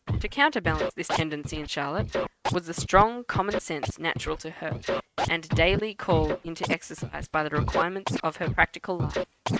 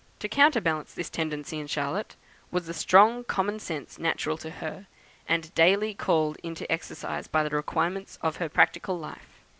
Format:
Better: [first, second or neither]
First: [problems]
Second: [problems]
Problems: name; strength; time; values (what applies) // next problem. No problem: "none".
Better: second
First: noise reduction (neural mask model RNNoise)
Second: none